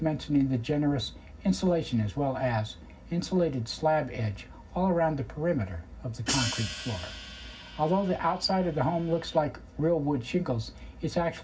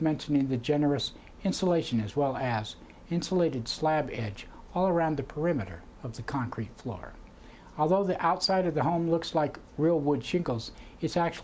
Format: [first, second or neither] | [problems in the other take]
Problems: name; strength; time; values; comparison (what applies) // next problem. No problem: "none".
second | background sound (Hi-hat); 10 dB below the speech // room echo; dies away in 0.4 s